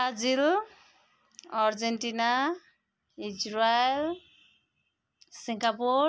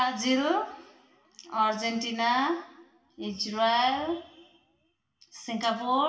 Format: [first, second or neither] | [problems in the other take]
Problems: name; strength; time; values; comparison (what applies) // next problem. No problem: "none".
first | room echo; dies away in 0.8 s